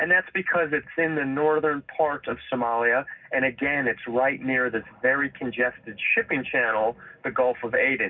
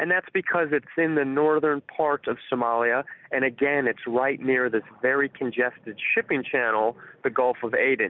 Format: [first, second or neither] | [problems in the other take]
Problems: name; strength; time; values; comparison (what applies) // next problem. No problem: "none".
second | room echo; dies away in 0.4 s